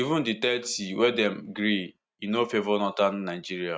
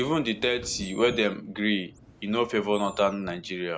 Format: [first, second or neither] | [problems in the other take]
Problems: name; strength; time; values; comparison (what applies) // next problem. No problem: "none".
first | background sound (Thunder + Animal); 19 dB below the speech